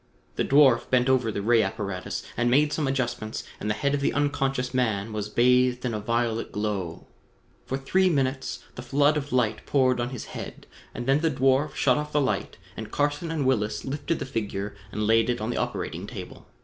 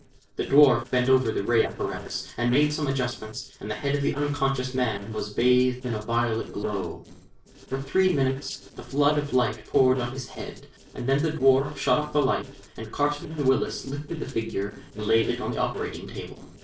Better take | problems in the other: first | noise reduction (neural separator model SepFormer DNS4)

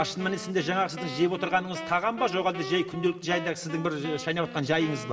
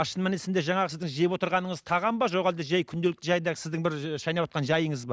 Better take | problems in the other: second | background sound (Wind instrument, woodwind instrument); 12 dB below the speech // room echo; dies away in 1.8 s

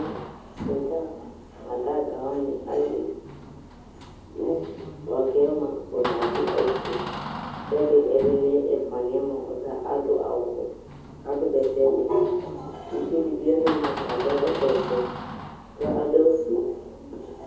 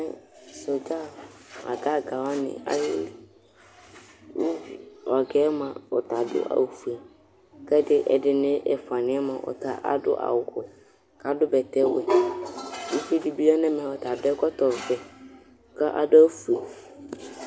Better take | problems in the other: second | background sound (Door); 11 dB below the speech // room echo; dies away in 0.7 s

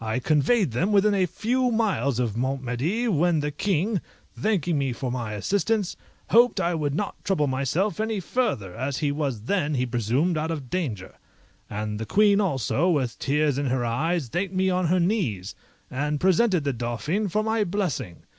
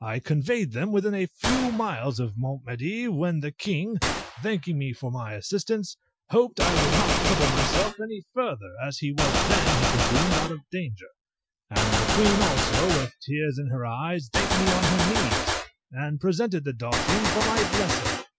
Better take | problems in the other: first | noise reduction (classical method Wiener filter)

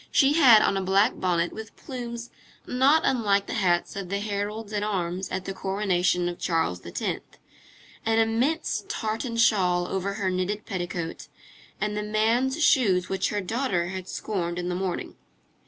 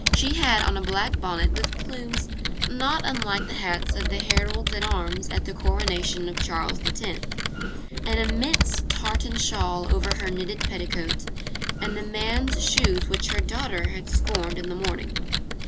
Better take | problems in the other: first | background sound (Computer keyboard); 4 dB above the speech

